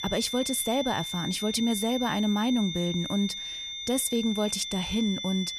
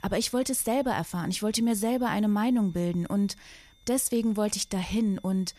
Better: second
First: high-pitched whine; loud; throughout; 3.5 kHz, 5 dB below the speech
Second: high-pitched whine; faint; throughout; 3.5 kHz, 35 dB below the speech

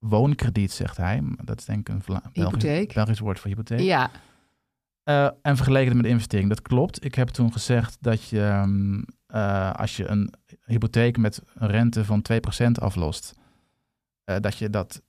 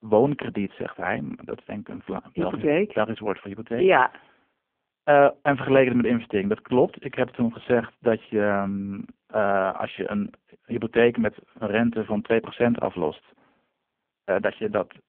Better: first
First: none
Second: phone-call audio; poor line

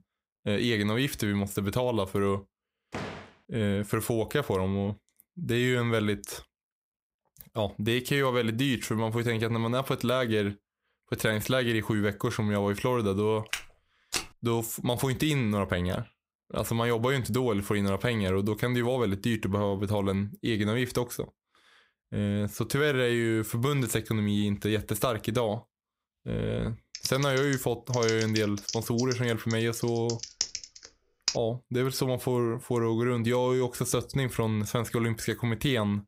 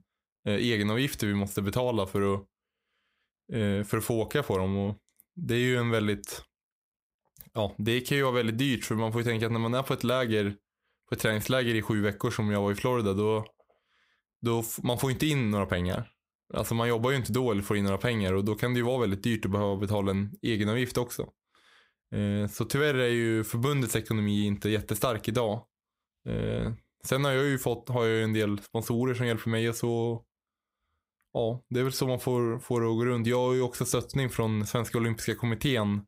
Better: second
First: door banging; noticeable; at 3 s; peak 9 dB below the speech // footsteps; noticeable; at 14 s; peak 5 dB below the speech // keyboard typing; noticeable; from 27 to 31 s; peak 2 dB below the speech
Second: none

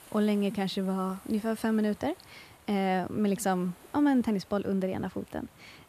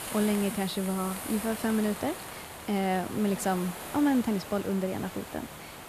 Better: first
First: hiss; faint; throughout; 25 dB below the speech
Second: hiss; loud; throughout; 9 dB below the speech

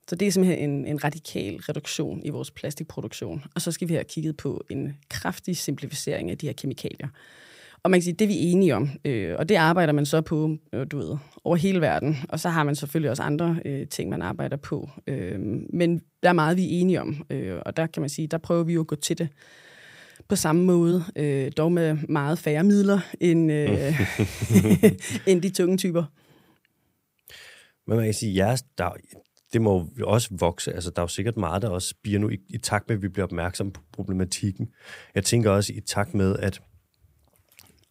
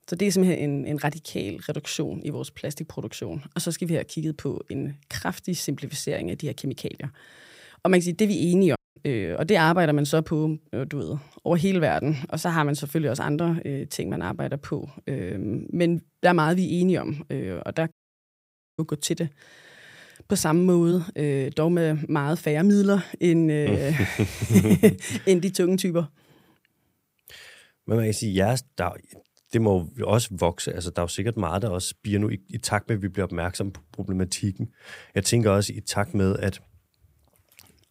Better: first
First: none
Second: audio cutting out; at 9 s and at 18 s for 1 s

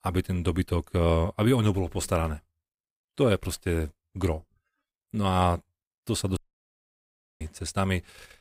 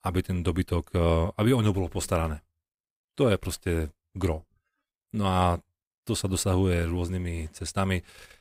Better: second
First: audio cutting out; at 6.5 s for 1 s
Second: none

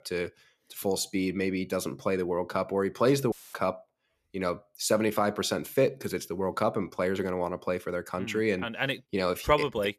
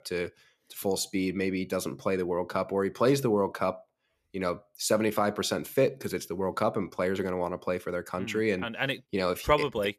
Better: second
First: audio cutting out; filled with static; at 3.5 s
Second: none

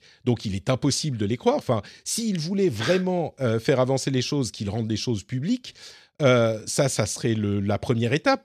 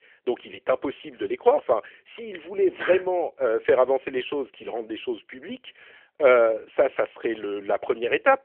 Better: first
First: none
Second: phone-call audio

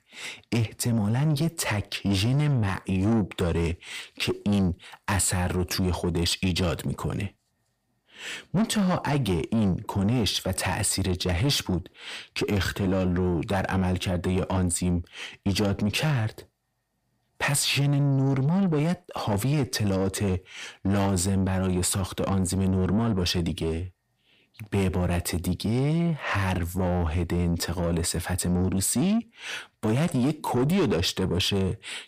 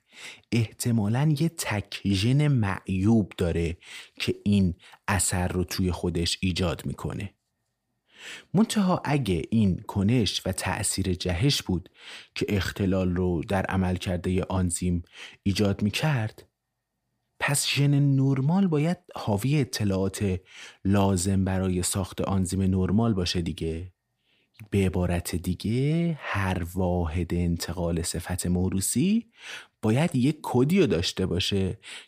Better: second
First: distortion; slight; 10 dB below the speech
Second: none

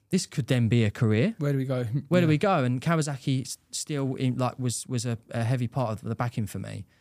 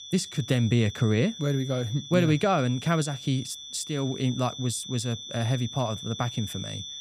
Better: first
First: none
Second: high-pitched whine; noticeable; throughout; 3.5 kHz, 10 dB below the speech

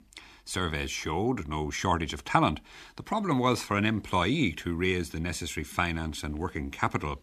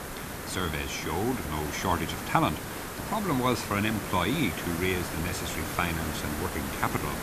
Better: first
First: none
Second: hiss; loud; throughout; 5 dB below the speech

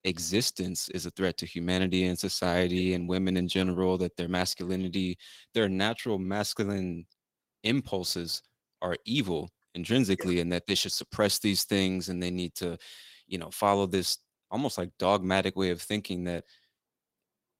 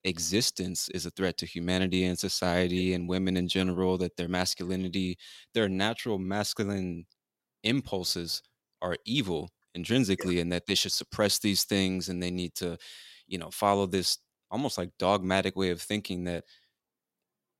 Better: second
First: garbled, watery; slightly; nothing above 16 kHz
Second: none

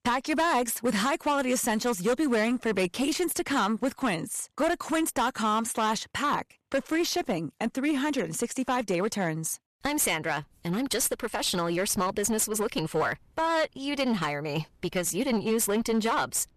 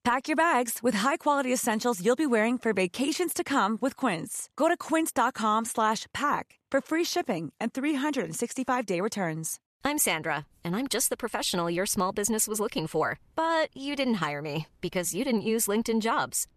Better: second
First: distortion; slight; 10% of the sound clipped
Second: none

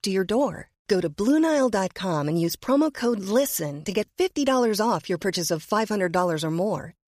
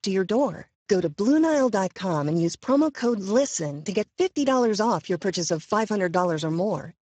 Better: first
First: none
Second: garbled, watery; badly

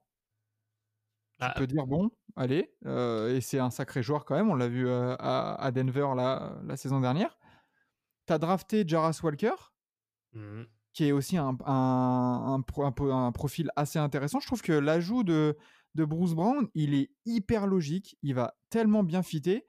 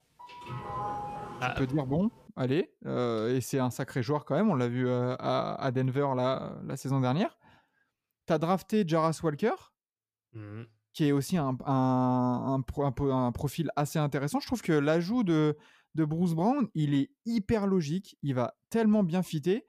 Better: first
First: none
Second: doorbell; noticeable; until 2 s; peak 6 dB below the speech

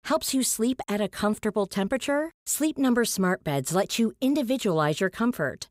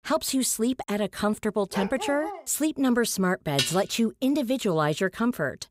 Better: first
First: none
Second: dog barking; noticeable; at 1.5 s; peak 8 dB below the speech // clattering dishes; noticeable; at 3.5 s; peak 2 dB below the speech

